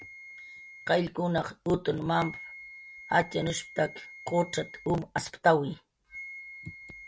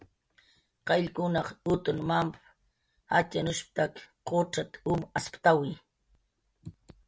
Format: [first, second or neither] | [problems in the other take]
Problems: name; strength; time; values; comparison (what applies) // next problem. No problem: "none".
second | background sound (Wind instrument, woodwind instrument); 17 dB below the speech